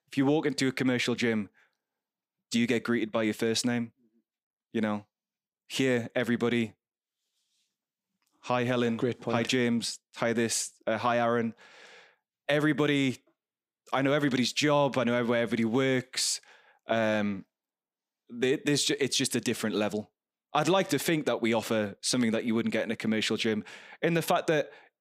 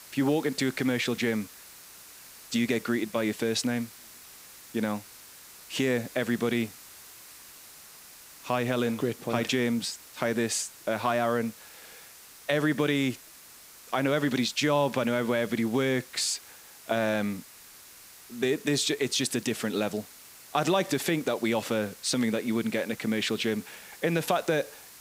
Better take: first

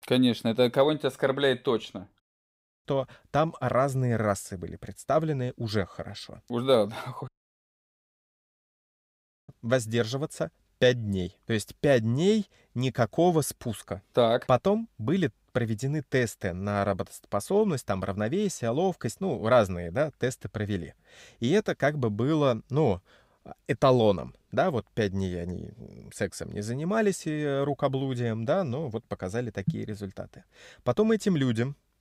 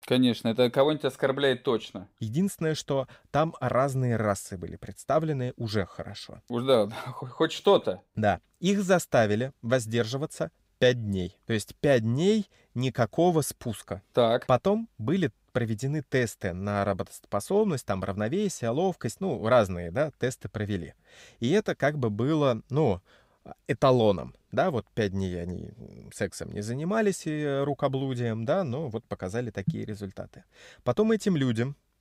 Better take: second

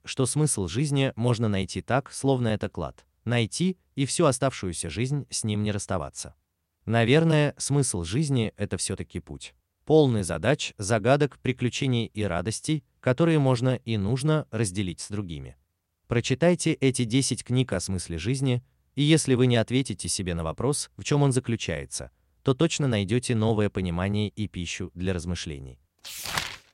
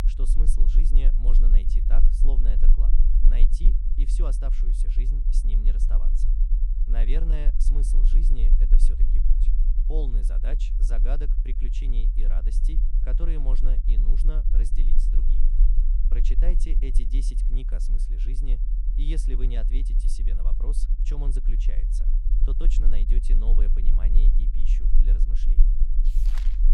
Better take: first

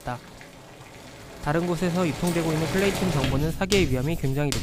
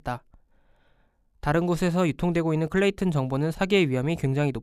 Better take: second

